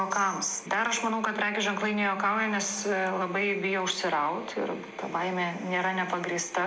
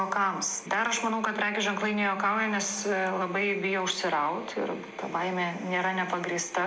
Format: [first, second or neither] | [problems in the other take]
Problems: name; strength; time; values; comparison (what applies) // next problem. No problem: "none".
second | background sound (Tambourine); 20 dB below the speech